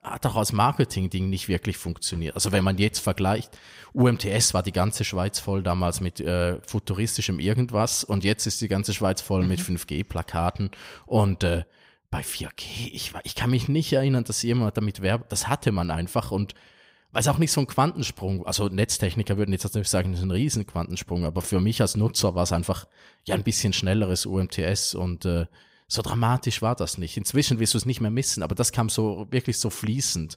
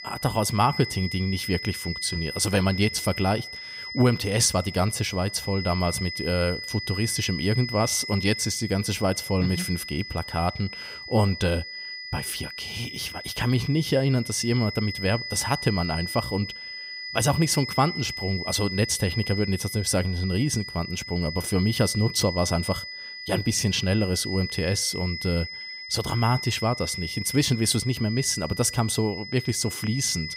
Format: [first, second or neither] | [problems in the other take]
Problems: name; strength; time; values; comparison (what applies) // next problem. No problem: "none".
first | high-pitched whine; loud; throughout; 2 kHz, 8 dB below the speech